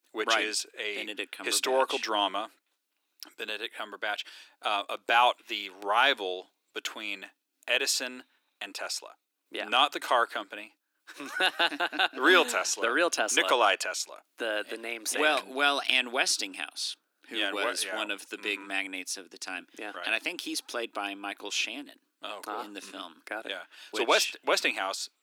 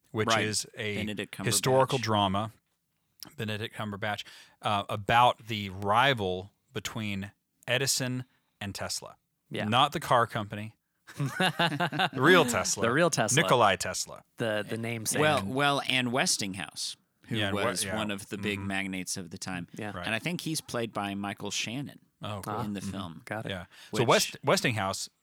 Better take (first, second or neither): second